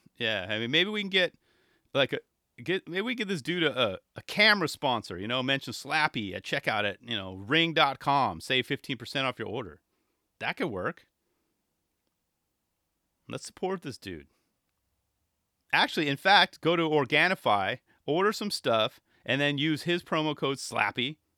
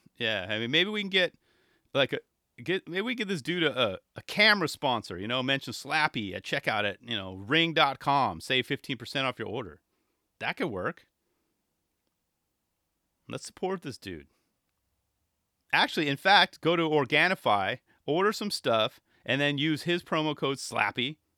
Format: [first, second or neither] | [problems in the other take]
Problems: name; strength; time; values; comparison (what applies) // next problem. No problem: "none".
neither | none